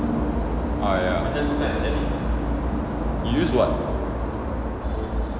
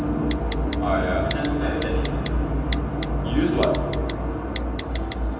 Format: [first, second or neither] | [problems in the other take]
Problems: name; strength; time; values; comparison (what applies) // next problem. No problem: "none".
first | background sound (Typing); 17 dB below the speech // room echo; dies away in 0.6 s